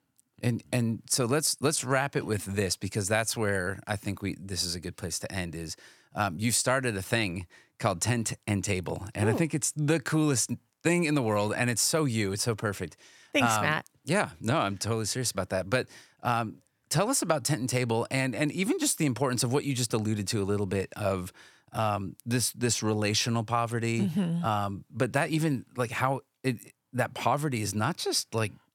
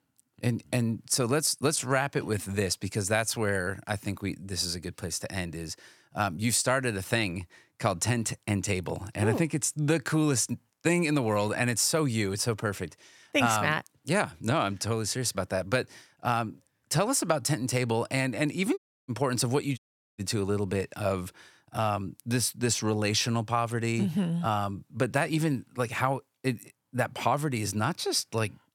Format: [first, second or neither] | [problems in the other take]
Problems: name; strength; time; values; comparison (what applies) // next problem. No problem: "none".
first | audio cutting out; at 19 s and at 20 s